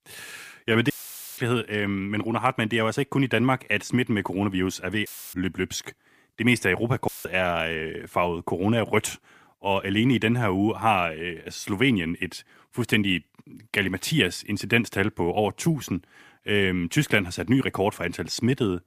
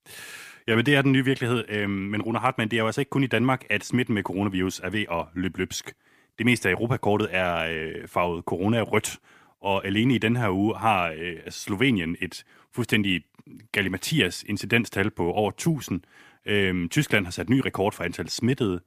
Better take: second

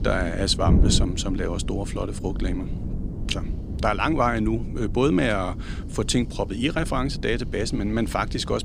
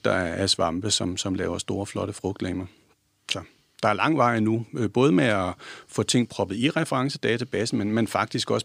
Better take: second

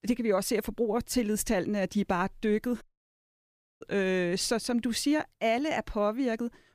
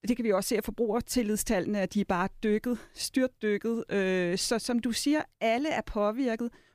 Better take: second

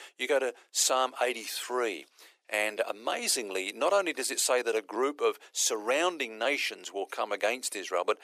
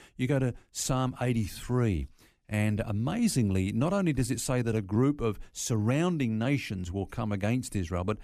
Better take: second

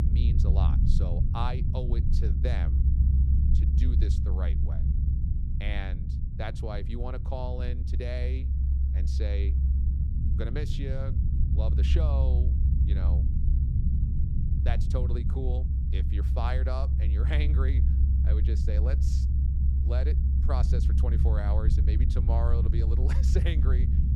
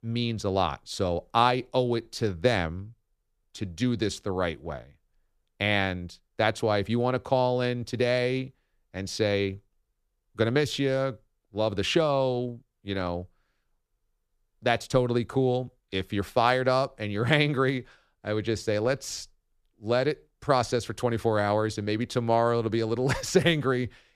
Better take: second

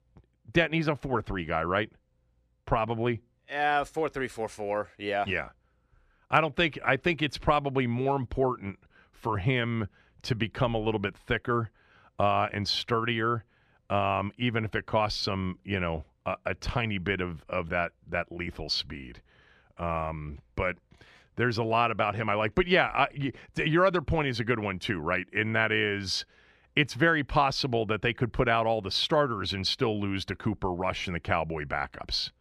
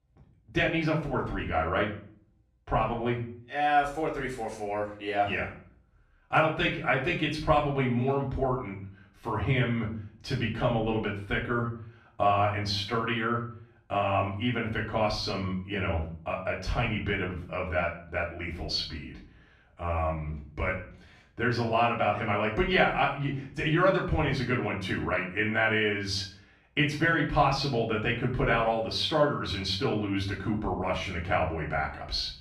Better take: first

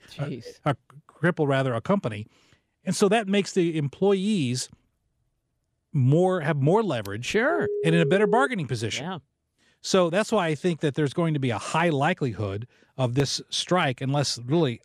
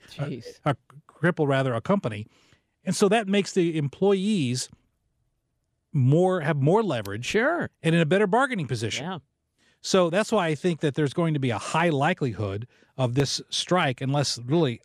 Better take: second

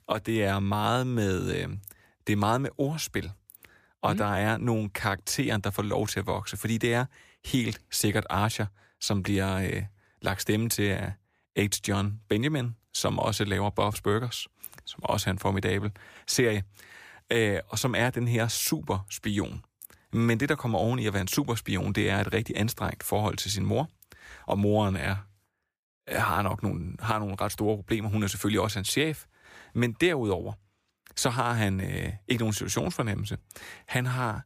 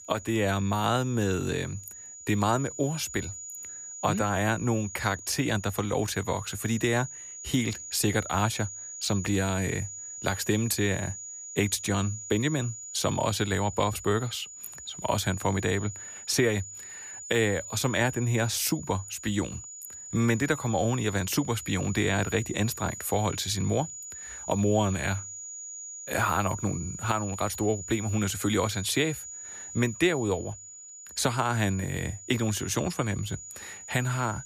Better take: first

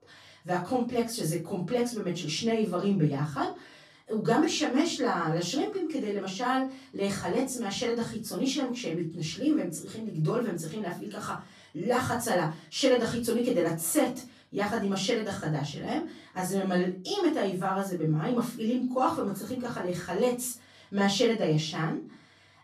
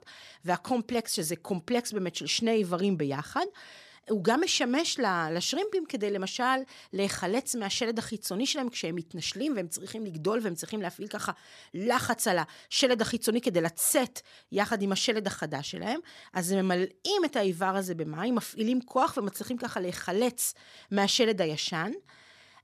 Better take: second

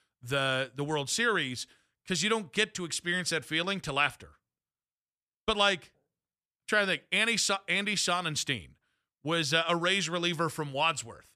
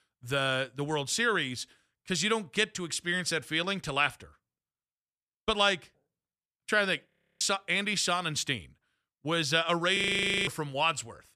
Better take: first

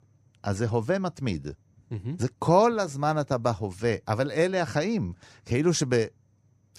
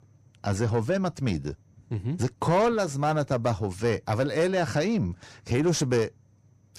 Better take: first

